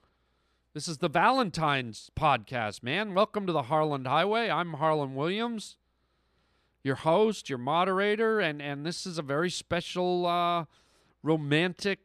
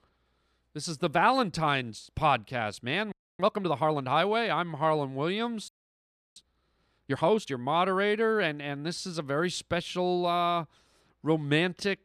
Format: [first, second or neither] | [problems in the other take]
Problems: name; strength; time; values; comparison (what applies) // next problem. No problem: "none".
first | audio freezing; at 3 s and at 5.5 s for 0.5 s